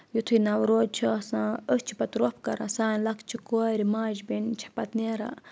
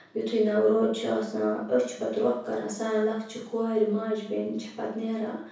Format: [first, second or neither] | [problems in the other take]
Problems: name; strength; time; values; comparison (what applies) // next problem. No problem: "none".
first | room echo; dies away in 0.6 s